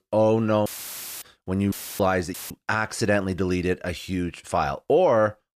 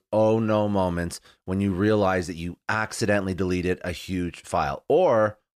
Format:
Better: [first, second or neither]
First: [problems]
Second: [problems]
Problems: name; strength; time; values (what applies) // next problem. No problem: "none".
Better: second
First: audio cutting out; filled with static; at 0.5 s for 0.5 s, at 1.5 s and at 2.5 s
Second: none